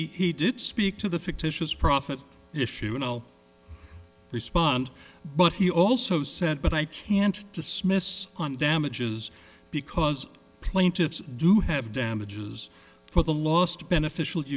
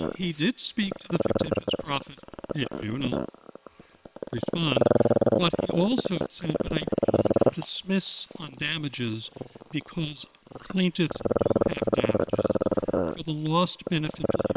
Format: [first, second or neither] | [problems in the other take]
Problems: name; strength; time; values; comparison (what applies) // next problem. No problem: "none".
first | noise reduction (neural separator model SepFormer WHAM!)